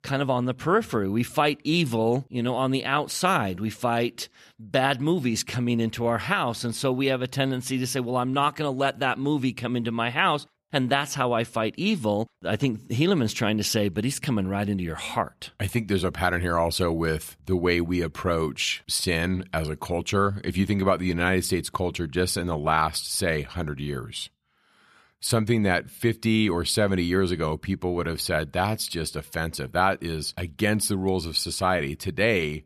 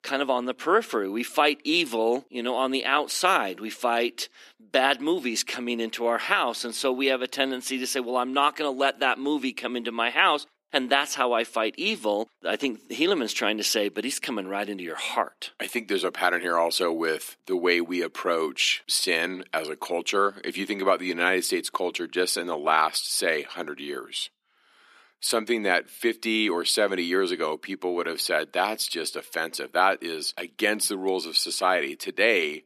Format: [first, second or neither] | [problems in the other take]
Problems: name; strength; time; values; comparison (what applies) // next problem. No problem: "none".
first | thin; somewhat; fading below 250 Hz